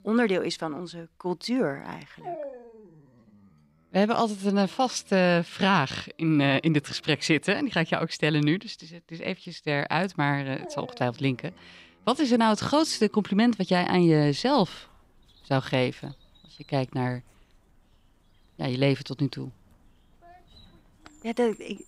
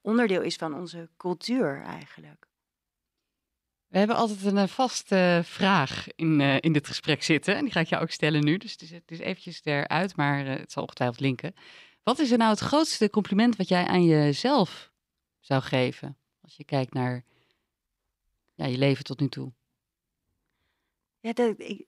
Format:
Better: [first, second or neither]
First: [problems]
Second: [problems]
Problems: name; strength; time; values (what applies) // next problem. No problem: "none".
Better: second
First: animal sounds; faint; throughout; 25 dB below the speech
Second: none